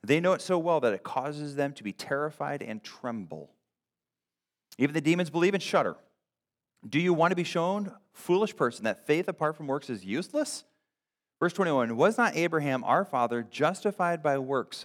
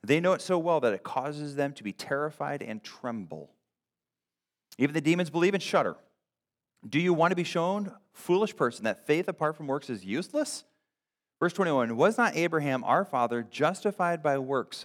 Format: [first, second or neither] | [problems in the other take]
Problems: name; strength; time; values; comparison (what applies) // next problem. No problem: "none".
neither | none